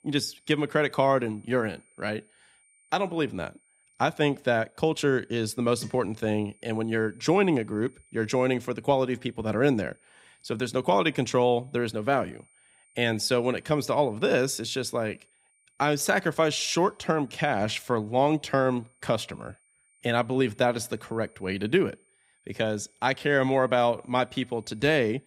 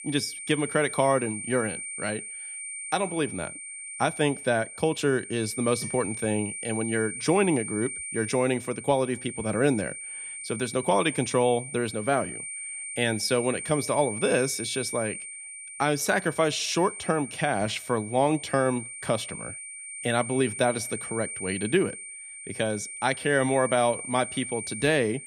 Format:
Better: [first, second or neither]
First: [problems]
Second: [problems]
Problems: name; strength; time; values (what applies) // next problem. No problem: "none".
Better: first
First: high-pitched whine; faint; throughout; 9 kHz, 35 dB below the speech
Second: high-pitched whine; loud; throughout; 9 kHz, 8 dB below the speech